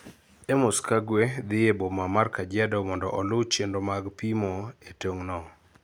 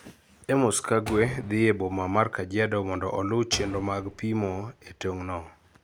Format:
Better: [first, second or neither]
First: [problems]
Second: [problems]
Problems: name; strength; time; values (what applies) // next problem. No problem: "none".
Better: first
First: none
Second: background sound (Door); 15 dB below the speech